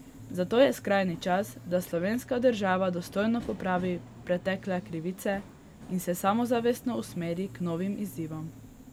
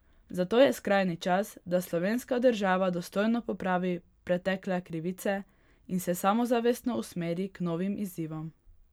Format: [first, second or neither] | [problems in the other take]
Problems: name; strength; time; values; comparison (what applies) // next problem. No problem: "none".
second | background sound (Bass guitar + Subway, metro, underground); 17 dB below the speech